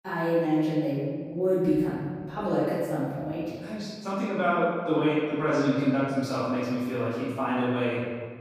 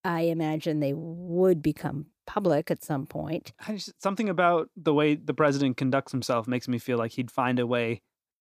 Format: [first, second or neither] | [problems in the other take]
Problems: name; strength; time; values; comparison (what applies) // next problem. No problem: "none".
second | room echo; strong; dies away in 1.5 s // off-mic speech; far